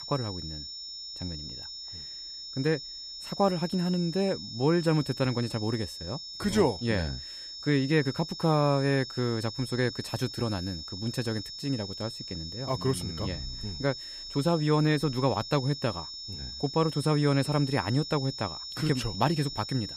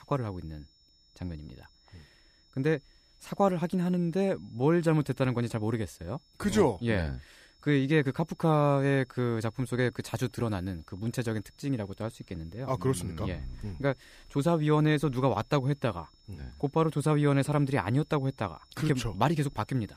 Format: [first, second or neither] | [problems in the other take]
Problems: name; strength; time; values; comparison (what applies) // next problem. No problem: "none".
second | high-pitched whine; loud; throughout; 5.5 kHz, 9 dB below the speech; faint in the second